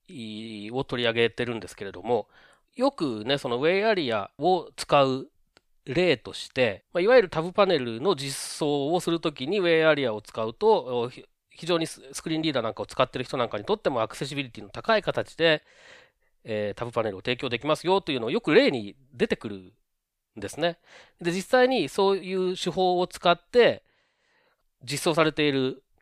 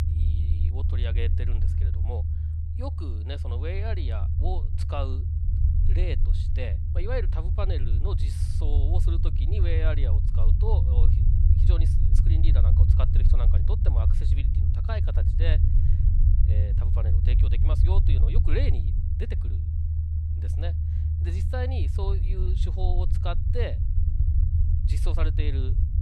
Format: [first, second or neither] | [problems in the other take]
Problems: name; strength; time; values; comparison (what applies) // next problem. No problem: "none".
first | low rumble; loud; throughout; 3 dB below the speech